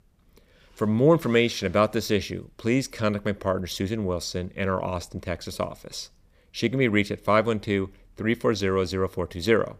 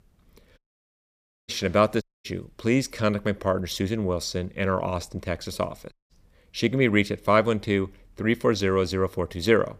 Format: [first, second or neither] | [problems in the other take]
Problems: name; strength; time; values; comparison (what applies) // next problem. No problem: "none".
first | audio cutting out; at 0.5 s for 1 s, at 2 s and at 6 s